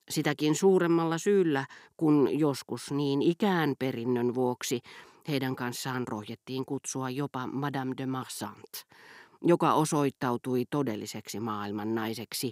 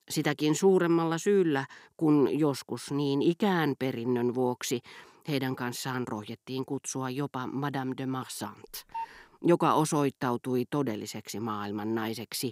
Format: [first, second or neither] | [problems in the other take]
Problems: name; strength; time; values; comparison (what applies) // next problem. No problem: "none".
first | phone ringing; faint; at 8.5 s; peak 10 dB below the speech